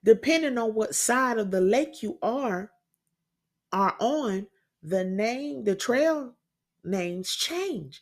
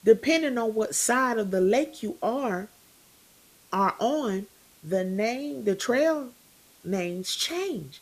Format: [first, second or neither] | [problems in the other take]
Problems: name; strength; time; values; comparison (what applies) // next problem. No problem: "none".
first | hiss; faint; throughout; 30 dB below the speech